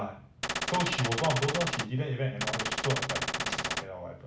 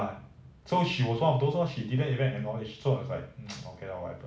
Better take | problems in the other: second | background sound (Gunshot, gunfire); 1 dB above the speech

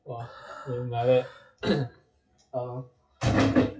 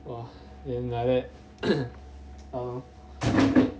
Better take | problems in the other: second | noise reduction (classical method WPE with log-MMSE)

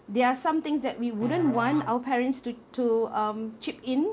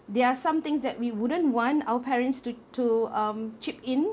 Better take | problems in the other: second | background sound (Musical instrument); 15 dB below the speech

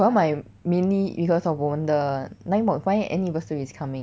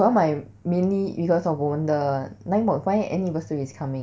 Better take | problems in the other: first | room echo; dies away in 0.3 s

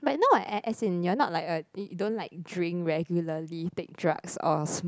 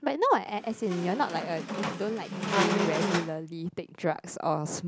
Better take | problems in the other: first | background sound (Squeak); 1 dB below the speech

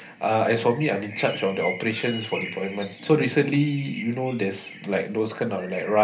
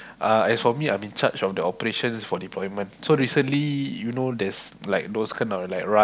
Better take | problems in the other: second | background sound (Bird); 15 dB below the speech // room echo; dies away in 0.3 s

